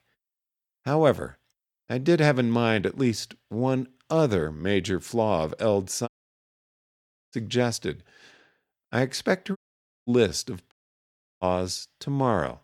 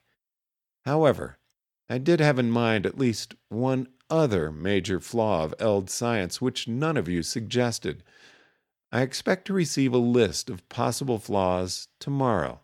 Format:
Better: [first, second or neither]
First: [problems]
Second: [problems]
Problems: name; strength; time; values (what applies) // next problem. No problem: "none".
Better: second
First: audio cutting out; at 6 s for 1 s, at 9.5 s for 0.5 s and at 11 s for 0.5 s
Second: none